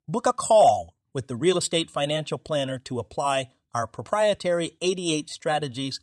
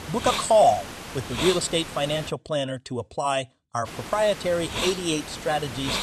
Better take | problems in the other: first | hiss; loud; until 2.5 s and from 4 s on; 8 dB below the speech

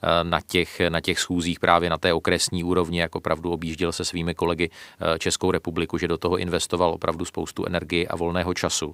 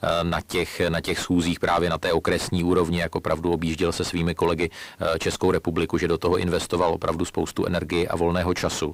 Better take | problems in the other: first | distortion; heavy; 6 dB below the speech

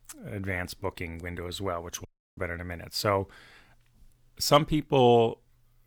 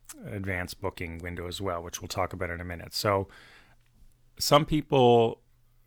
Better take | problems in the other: second | audio cutting out; at 2 s

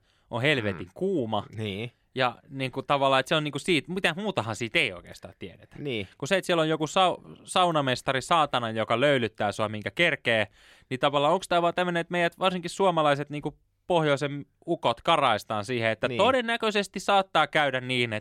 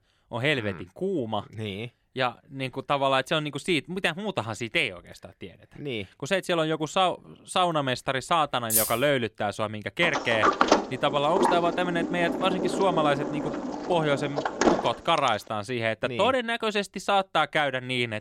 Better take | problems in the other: first | jangling keys; loud; at 8.5 s; peak 3 dB above the speech // door banging; loud; from 10 to 15 s; peak 6 dB above the speech

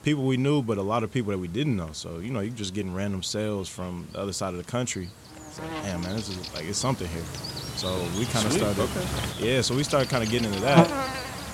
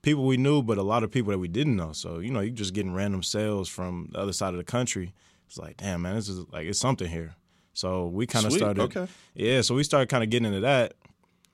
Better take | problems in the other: second | animal sounds; loud; throughout; 2 dB below the speech

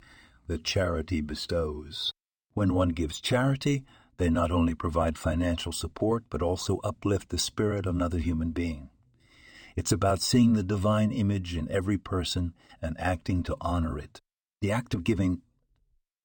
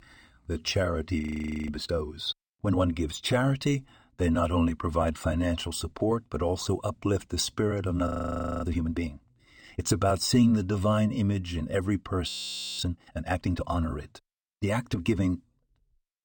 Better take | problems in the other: first | audio freezing; at 1 s, at 8 s for 0.5 s and at 12 s for 0.5 s

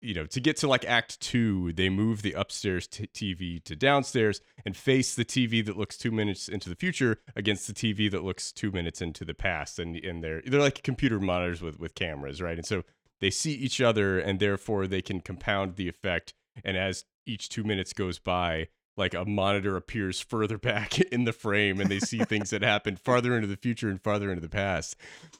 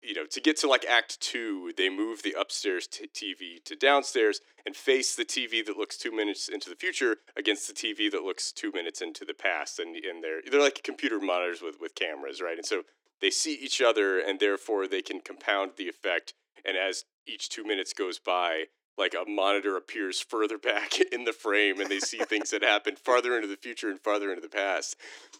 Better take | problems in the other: first | thin; somewhat; fading below 300 Hz

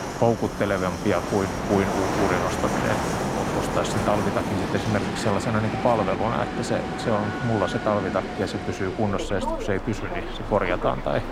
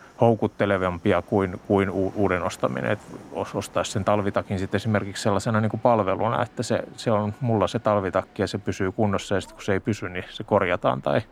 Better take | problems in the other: second | train or aircraft noise; loud; throughout; 2 dB below the speech; faint in the second

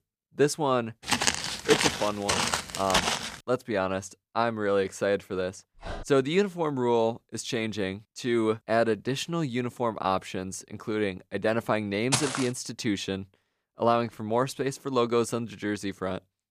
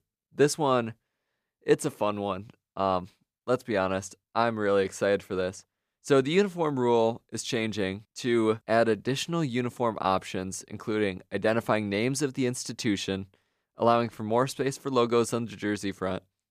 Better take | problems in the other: second | footsteps; loud; from 1 to 3.5 s and at 12 s; peak 4 dB above the speech // dog barking; faint; at 6 s; peak 10 dB below the speech

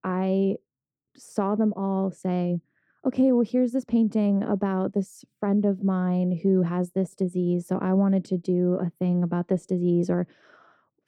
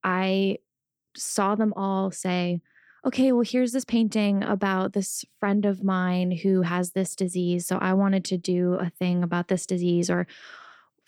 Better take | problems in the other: second | muffled; slightly; fading above 1 kHz

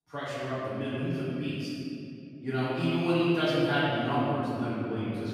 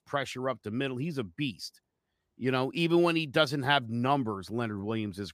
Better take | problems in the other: second | off-mic speech; far // room echo; strong; dies away in 2.6 s

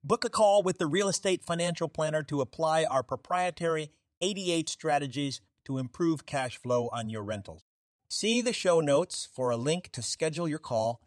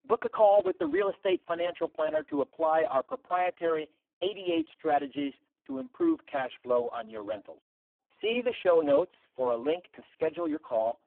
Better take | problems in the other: first | phone-call audio; poor line

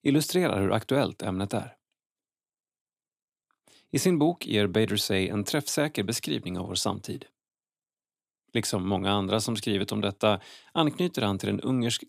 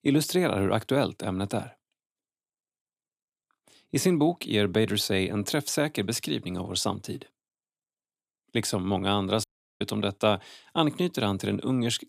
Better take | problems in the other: first | audio cutting out; at 9.5 s

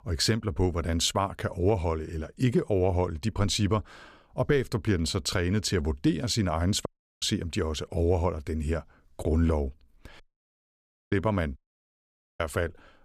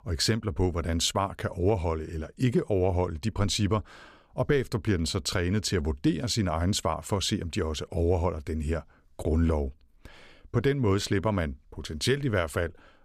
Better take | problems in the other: second | audio cutting out; at 7 s, at 10 s for 1 s and at 12 s for 1 s

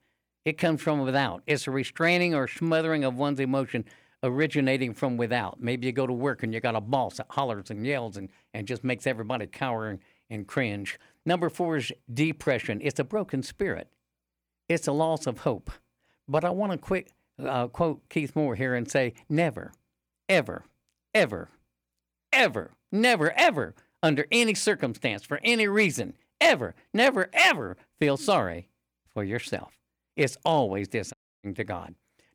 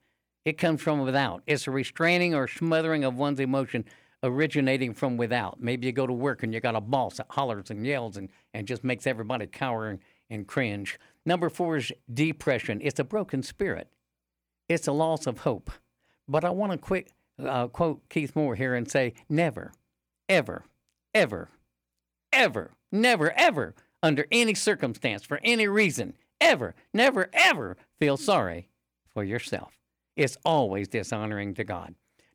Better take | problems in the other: second | audio cutting out; at 31 s

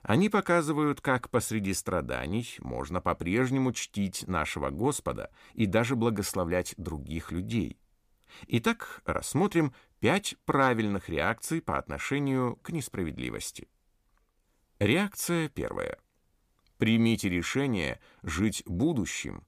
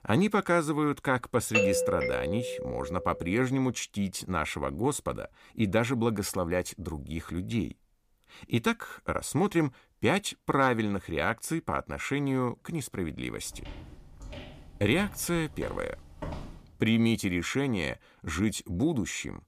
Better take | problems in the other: first | doorbell; loud; from 1.5 to 3 s; peak 4 dB above the speech // footsteps; faint; from 13 to 17 s; peak 10 dB below the speech

